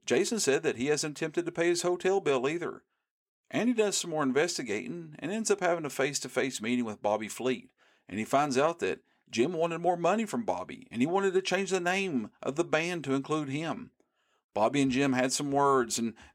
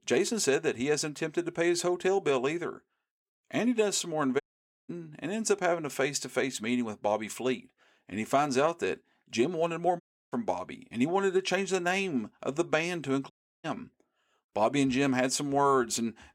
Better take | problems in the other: first | audio cutting out; at 4.5 s, at 10 s and at 13 s

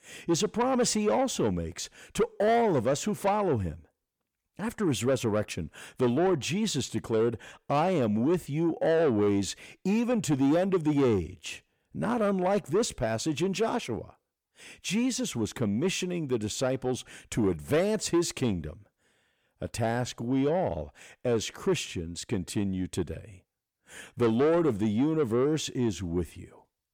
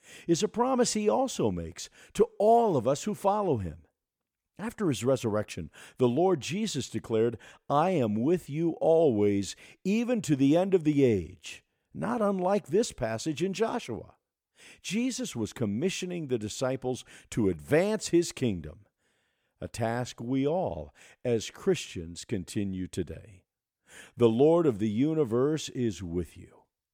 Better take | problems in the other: second | distortion; slight; 10 dB below the speech

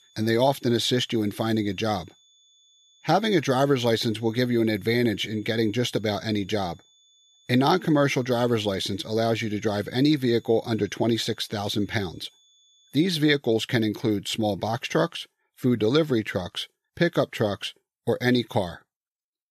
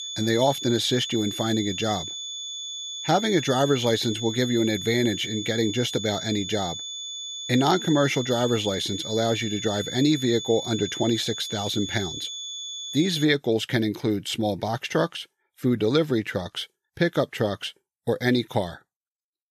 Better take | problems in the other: first | high-pitched whine; loud; until 13 s; 3.5 kHz, 7 dB below the speech; faint in the first

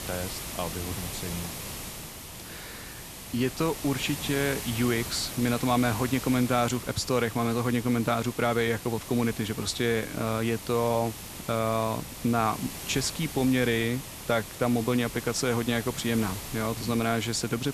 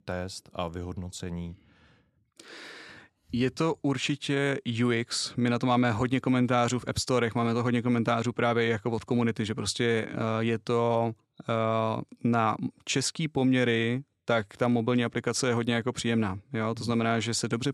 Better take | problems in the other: second | hiss; loud; throughout; 9 dB below the speech

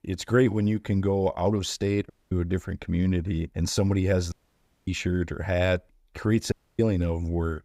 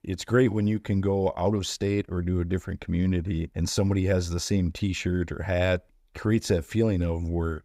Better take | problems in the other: second | audio cutting out; at 2 s, at 4.5 s for 0.5 s and at 6.5 s

